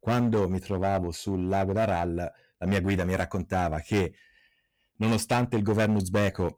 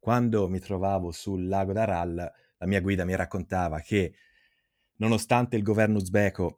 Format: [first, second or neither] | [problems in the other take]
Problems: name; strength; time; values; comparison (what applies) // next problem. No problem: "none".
second | distortion; slight; 8% of the sound clipped